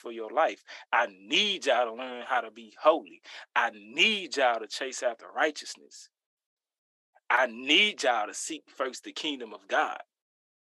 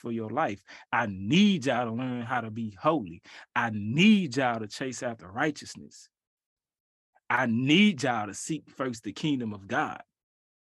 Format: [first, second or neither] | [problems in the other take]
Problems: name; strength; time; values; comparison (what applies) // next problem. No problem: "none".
second | thin; very; fading below 400 Hz